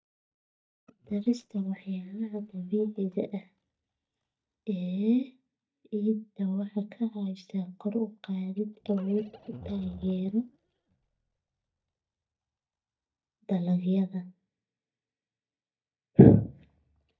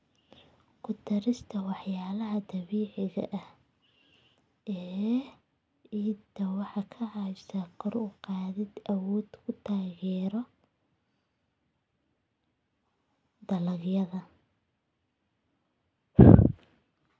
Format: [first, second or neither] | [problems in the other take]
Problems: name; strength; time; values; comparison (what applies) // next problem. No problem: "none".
second | noise reduction (neural mask model DeepFilterNet 3)